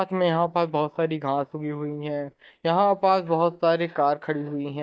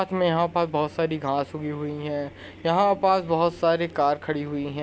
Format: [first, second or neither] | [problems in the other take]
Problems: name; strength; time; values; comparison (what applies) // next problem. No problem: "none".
second | noise reduction (neural mask model DeepFilterNet 3)